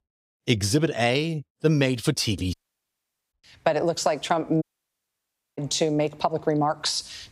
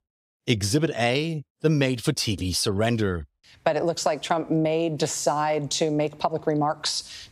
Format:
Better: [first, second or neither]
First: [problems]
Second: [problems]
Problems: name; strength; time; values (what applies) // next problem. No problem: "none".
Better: second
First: audio cutting out; at 2.5 s for 1 s and at 4.5 s for 1 s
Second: none